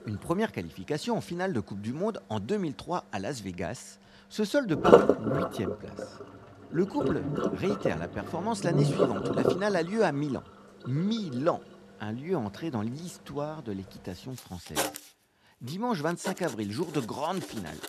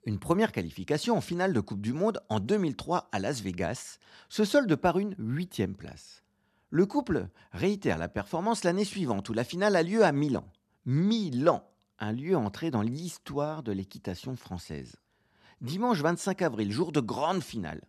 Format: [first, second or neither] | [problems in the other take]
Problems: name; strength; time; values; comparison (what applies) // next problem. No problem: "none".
second | household noises; very loud; throughout; 3 dB above the speech